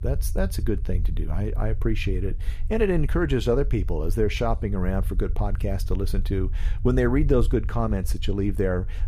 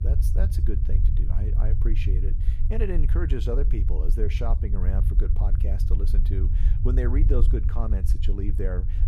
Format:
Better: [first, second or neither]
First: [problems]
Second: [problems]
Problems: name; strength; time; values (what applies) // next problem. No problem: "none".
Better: first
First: low rumble; faint; throughout; 20 dB below the speech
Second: low rumble; loud; throughout; 7 dB below the speech